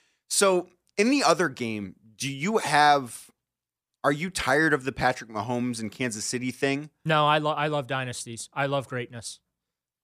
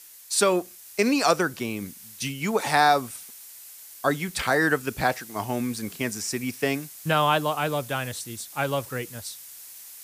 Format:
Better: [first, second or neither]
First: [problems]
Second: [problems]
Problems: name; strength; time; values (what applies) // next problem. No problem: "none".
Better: first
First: none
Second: hiss; noticeable; throughout; 15 dB below the speech